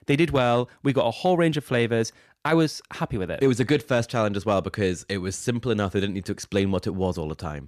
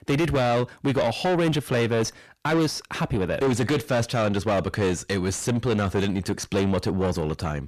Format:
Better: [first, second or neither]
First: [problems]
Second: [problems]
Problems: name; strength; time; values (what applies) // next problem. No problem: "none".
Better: first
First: none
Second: distortion; heavy; 7 dB below the speech